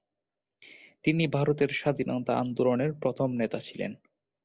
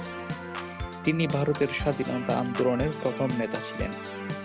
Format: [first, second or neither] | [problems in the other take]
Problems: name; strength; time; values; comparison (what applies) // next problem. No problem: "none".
first | background sound (Organ); 6 dB below the speech